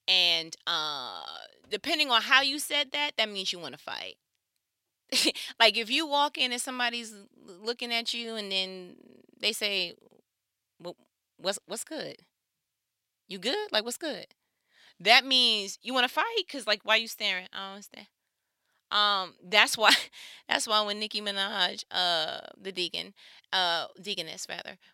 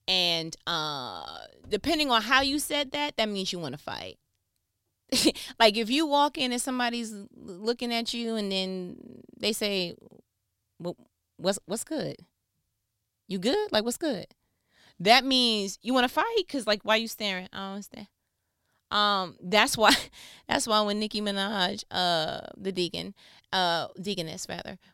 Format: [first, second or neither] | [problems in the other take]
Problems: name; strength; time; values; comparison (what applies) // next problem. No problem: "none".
second | thin; very slightly; fading below 950 Hz